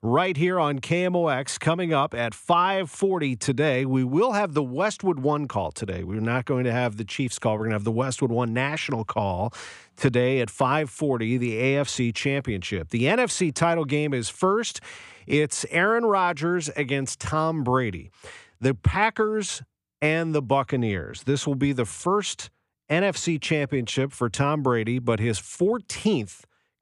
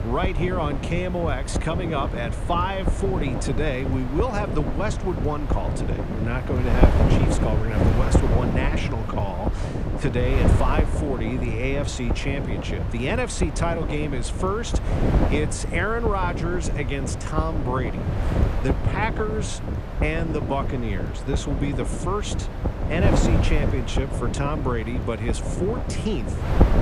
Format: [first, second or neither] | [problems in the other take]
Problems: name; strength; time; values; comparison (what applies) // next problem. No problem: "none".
first | wind noise on the microphone; heavy; 3 dB below the speech